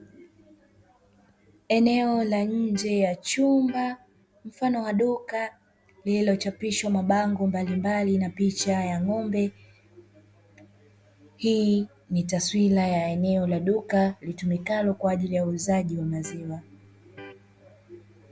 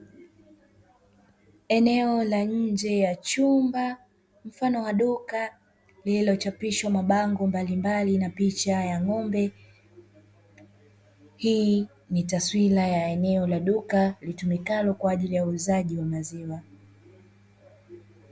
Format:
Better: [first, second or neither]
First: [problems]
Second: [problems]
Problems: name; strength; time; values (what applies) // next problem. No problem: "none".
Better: second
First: background sound (Electric guitar); 18 dB below the speech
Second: none